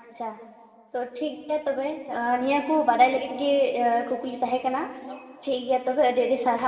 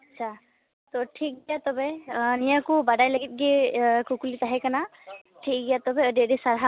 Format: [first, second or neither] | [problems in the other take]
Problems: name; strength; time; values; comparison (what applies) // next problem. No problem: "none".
second | room echo; dies away in 1.7 s